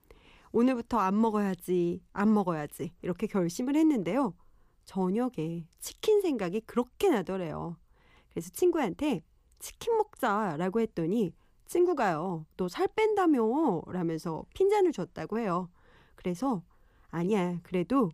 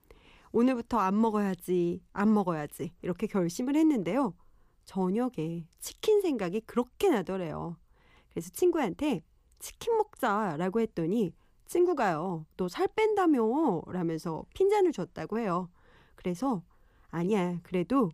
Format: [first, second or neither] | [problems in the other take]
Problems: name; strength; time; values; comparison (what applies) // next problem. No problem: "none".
neither | none